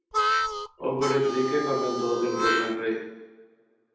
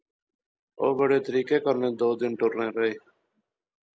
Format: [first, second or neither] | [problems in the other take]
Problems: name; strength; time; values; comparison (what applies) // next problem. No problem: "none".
second | background sound (Harmonica); as loud as the speech // room echo; dies away in 0.9 s